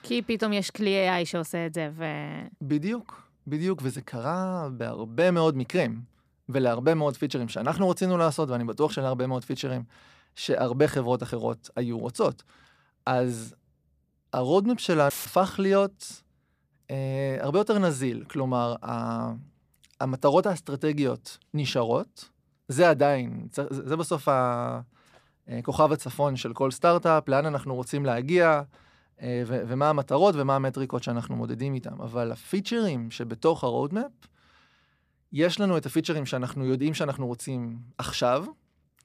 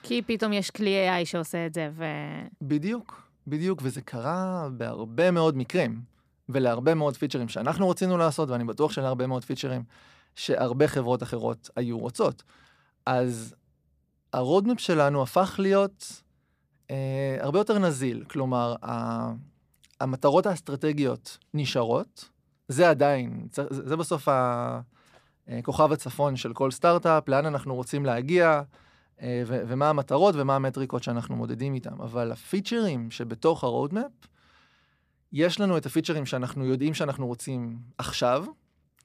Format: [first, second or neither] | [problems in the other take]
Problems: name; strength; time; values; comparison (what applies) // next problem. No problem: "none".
second | audio cutting out; filled with static; at 15 s